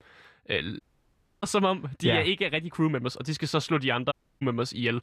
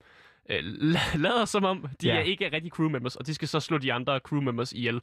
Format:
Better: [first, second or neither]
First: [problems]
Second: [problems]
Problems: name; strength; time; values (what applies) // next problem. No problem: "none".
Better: second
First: audio cutting out; at 1 s for 0.5 s and at 4 s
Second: none